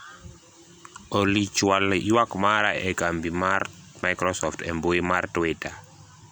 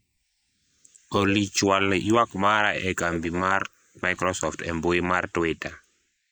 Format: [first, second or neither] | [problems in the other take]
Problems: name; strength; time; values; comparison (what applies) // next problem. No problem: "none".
first | noise reduction (neural mask model Resemble Enhance denoiser)